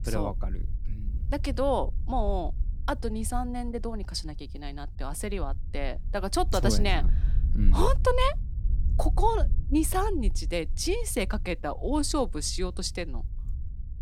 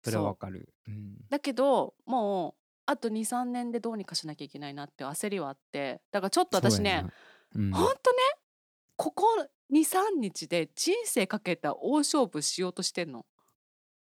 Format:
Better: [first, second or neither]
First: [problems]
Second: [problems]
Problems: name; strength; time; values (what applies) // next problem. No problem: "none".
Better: second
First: low rumble; faint; throughout; 20 dB below the speech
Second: none